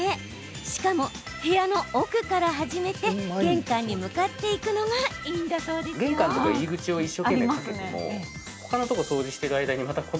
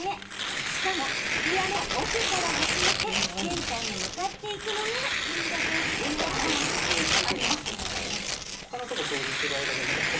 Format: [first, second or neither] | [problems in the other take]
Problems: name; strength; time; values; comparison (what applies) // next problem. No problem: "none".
first | background sound (Tearing); 5 dB above the speech // room echo; dies away in 0.3 s